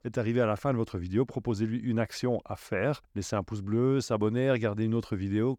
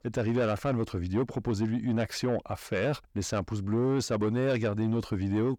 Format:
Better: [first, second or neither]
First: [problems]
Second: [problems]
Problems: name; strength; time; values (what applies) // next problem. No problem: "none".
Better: first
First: none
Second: distortion; slight; 10 dB below the speech